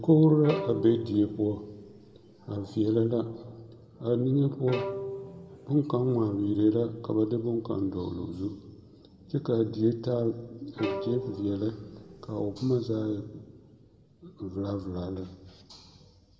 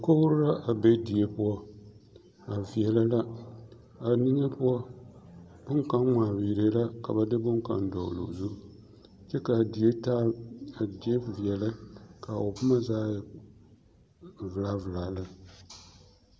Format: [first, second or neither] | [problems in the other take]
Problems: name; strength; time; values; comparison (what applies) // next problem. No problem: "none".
second | background sound (Bowed string instrument); 11 dB below the speech // room echo; dies away in 1.4 s